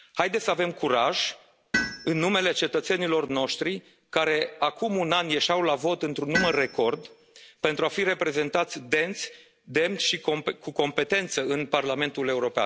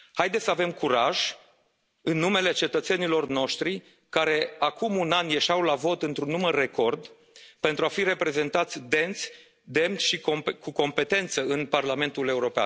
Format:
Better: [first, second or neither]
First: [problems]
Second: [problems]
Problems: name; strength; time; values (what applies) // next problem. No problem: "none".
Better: second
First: background sound (Tools); 10 dB below the speech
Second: none